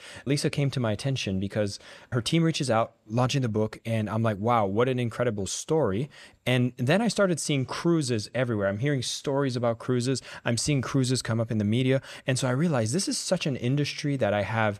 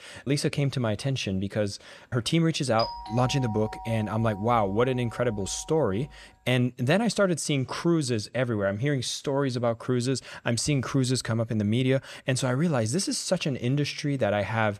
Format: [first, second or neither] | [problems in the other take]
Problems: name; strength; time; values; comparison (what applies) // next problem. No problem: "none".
first | doorbell; noticeable; from 3 to 6 s; peak 8 dB below the speech